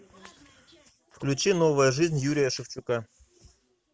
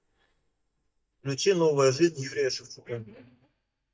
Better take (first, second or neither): first